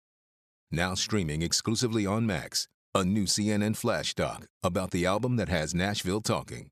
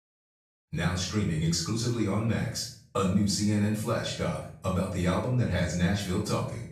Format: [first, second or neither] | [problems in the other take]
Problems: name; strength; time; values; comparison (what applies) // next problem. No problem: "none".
first | off-mic speech; far // room echo; noticeable; dies away in 0.5 s